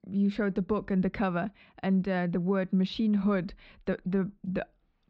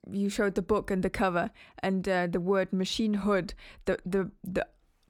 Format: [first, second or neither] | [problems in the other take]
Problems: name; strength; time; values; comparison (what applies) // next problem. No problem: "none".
second | muffled; very slightly; fading above 4 kHz